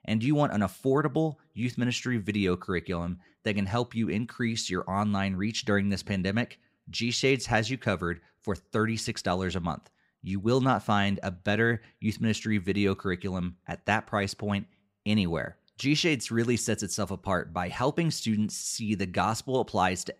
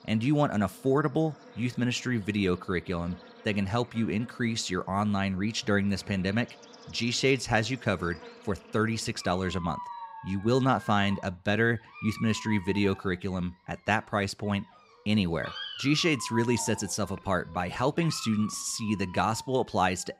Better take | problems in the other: first | animal sounds; noticeable; throughout; 15 dB below the speech

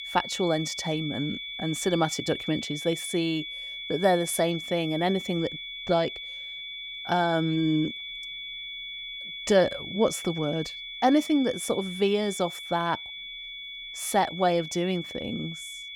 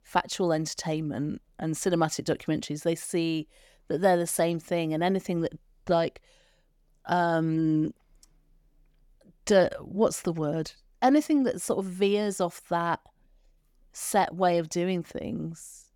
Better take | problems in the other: second | high-pitched whine; loud; throughout; 3.5 kHz, 8 dB below the speech

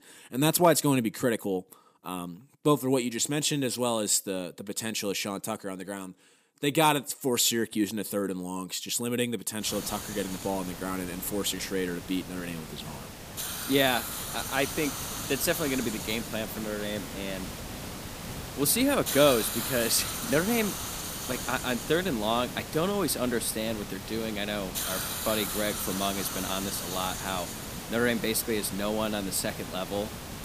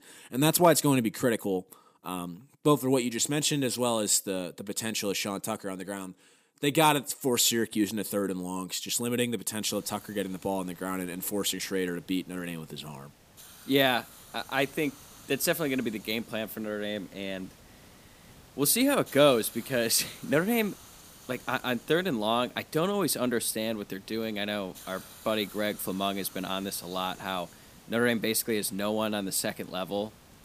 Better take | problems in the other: second | hiss; loud; from 9.5 s on; 6 dB below the speech; faint in the second

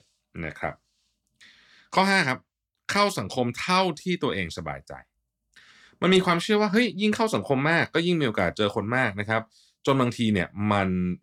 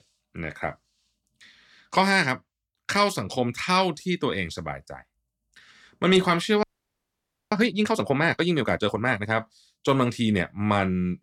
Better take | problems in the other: first | audio freezing; at 6.5 s for 1 s

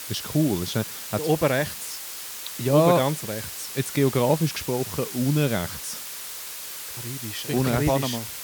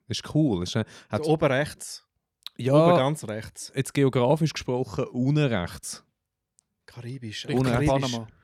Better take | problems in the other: second | hiss; loud; throughout; 8 dB below the speech

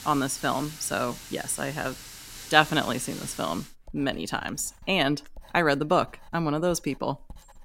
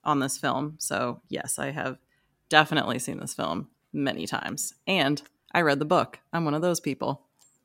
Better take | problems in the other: second | household noises; noticeable; throughout; 15 dB below the speech

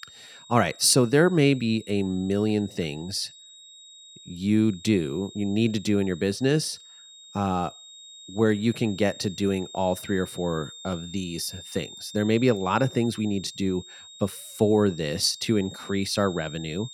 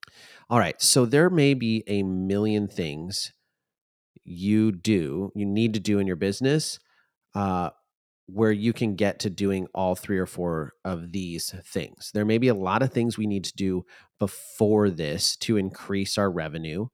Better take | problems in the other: second | high-pitched whine; noticeable; throughout; 3.5 kHz, 20 dB below the speech

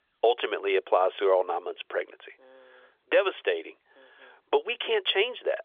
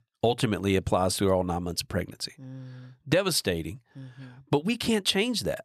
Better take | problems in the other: second | phone-call audio; nothing above 3.5 kHz

